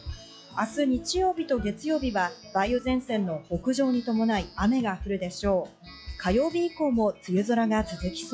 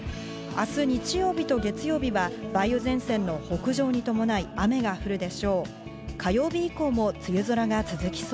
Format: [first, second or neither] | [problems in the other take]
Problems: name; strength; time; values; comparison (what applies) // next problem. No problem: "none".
second | noise reduction (classical method log-MMSE)